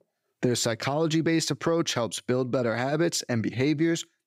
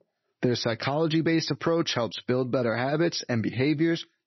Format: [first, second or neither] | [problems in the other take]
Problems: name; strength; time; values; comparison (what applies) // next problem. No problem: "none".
first | garbled, watery; slightly; nothing above 6 kHz